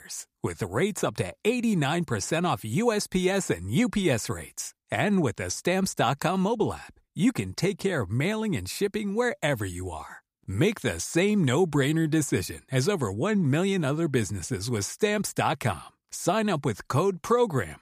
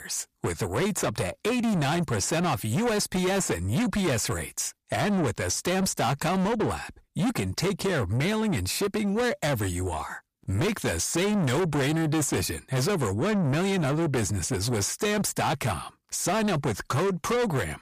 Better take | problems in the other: first | distortion; heavy; 6 dB below the speech

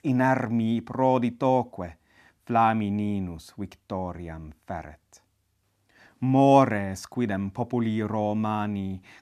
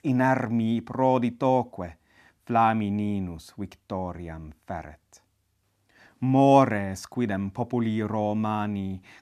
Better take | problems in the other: neither | none

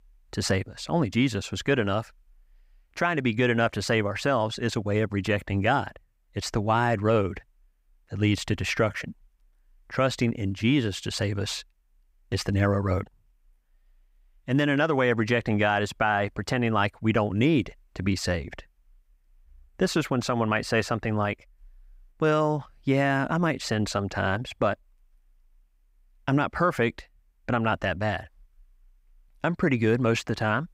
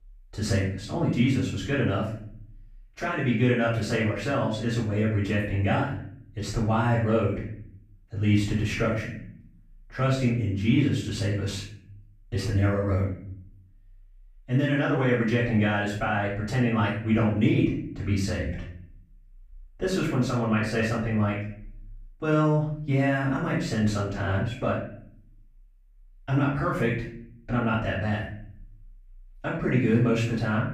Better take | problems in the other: first | off-mic speech; far // room echo; noticeable; dies away in 0.6 s

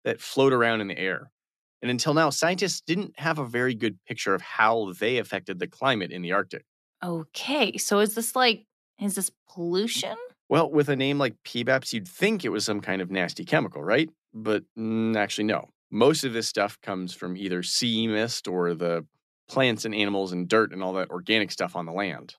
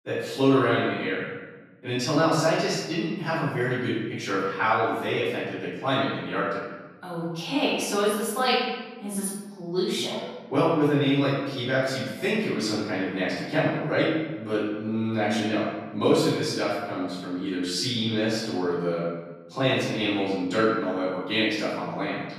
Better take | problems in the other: first | off-mic speech; far // room echo; strong; dies away in 1.1 s

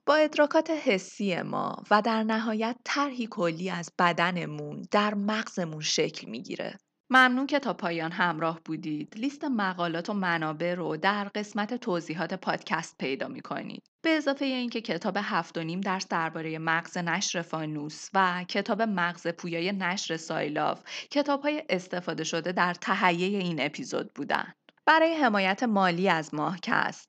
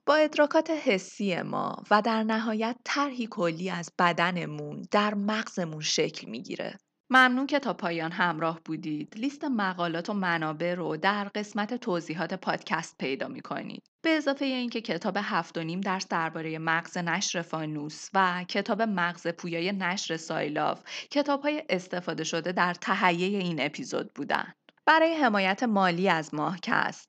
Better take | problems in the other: neither | none

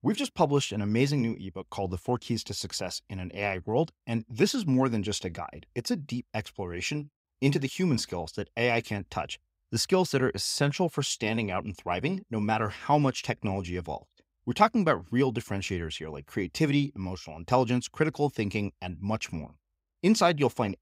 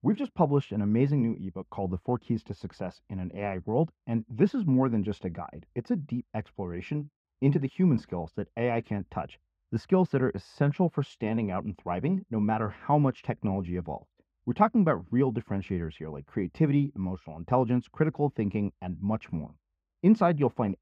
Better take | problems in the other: first | muffled; very; fading above 3.5 kHz

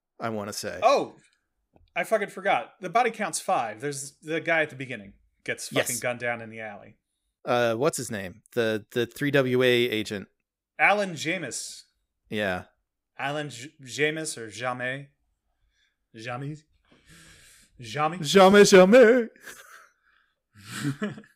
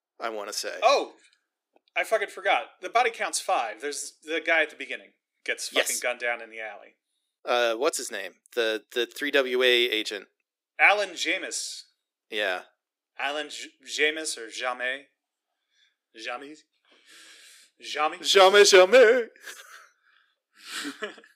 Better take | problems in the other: first | thin; somewhat; fading below 300 Hz

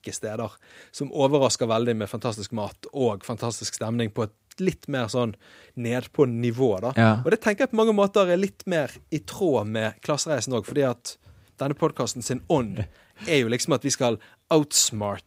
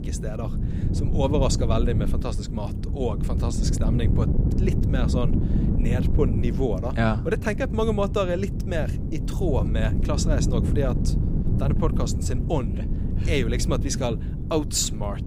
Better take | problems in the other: first | wind noise on the microphone; heavy; 7 dB below the speech

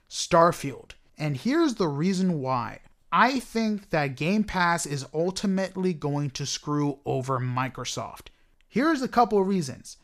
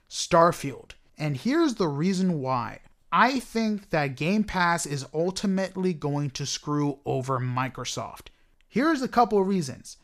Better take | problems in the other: neither | none

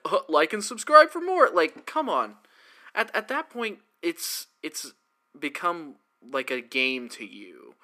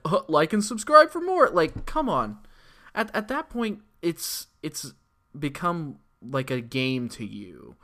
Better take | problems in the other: second | thin; somewhat; fading below 300 Hz

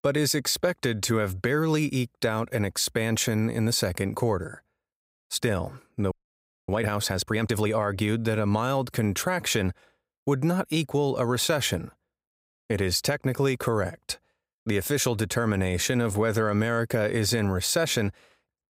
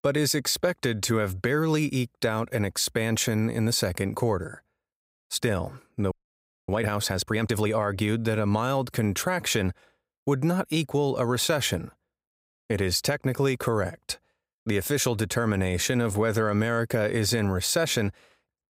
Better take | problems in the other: neither | audio freezing; at 6 s for 0.5 s; the same in both

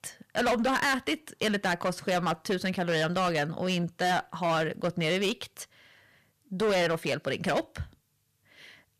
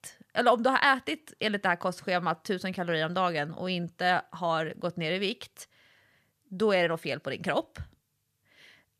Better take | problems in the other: second | distortion; heavy; 12% of the sound clipped

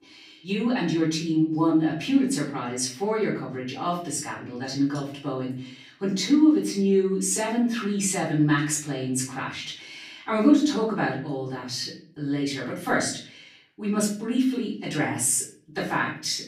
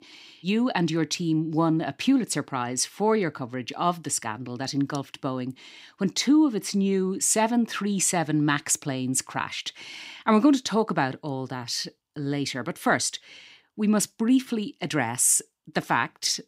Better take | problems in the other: second | off-mic speech; far // room echo; noticeable; dies away in 0.5 s

